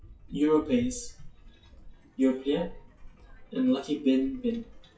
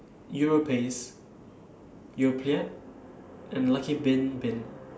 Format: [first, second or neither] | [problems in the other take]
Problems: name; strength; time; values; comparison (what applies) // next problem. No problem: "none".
second | noise reduction (classical method WPE with log-MMSE)